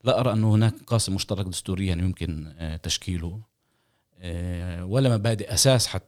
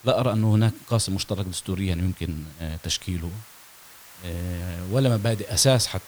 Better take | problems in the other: first | hiss; faint; throughout; 20 dB below the speech

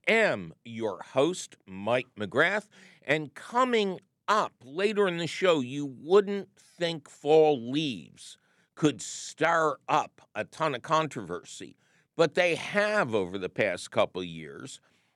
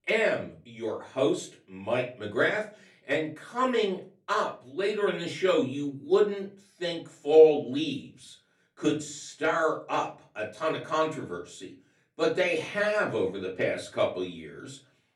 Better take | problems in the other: first | off-mic speech; far // room echo; very slight; dies away in 0.3 s

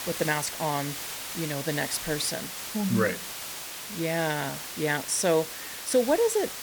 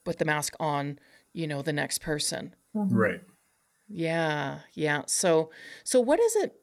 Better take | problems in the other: second | hiss; loud; throughout; 6 dB below the speech

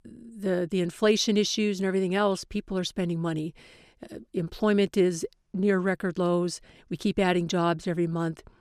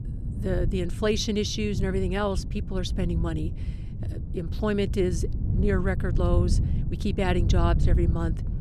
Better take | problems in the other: first | wind noise on the microphone; occasional gusts; 10 dB below the speech

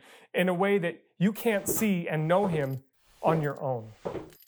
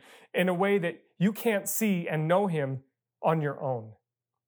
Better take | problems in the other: second | footsteps; noticeable; from 1.5 s on; peak 9 dB below the speech

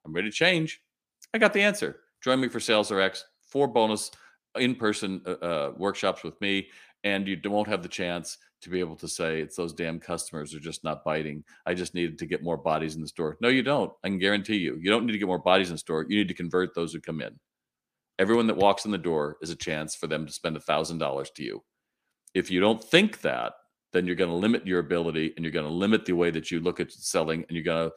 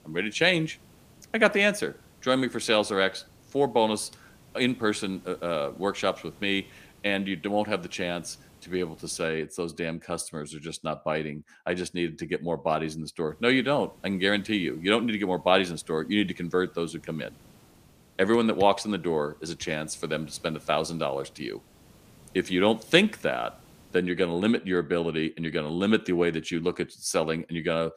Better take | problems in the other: first | hiss; faint; until 9.5 s and from 13 to 24 s; 30 dB below the speech

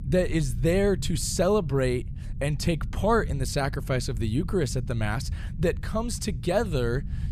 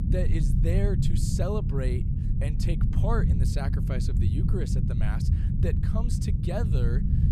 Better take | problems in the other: first | low rumble; loud; throughout; 2 dB below the speech; faint in the first

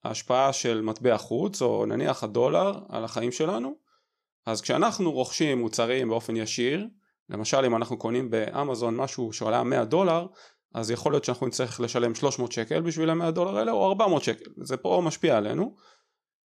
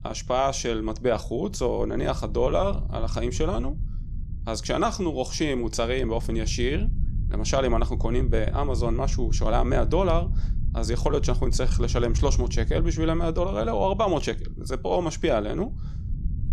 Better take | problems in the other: first | low rumble; noticeable; throughout; 20 dB below the speech

